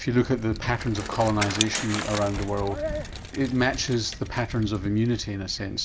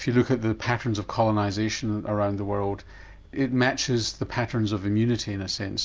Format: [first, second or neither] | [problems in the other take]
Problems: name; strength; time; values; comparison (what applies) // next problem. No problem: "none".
second | background sound (Bicycle); 8 dB below the speech